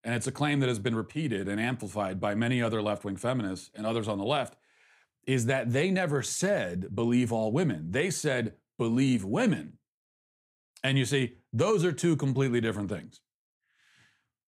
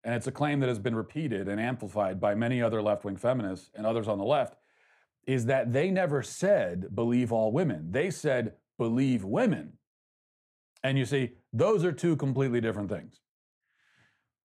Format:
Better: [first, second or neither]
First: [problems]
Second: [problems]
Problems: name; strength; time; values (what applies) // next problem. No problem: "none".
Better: first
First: none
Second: muffled; slightly; fading above 2.5 kHz